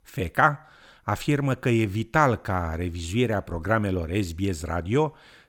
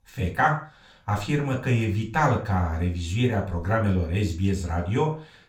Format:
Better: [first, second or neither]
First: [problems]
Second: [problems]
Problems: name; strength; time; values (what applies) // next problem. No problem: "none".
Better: first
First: none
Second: room echo; slight; dies away in 0.3 s // off-mic speech; far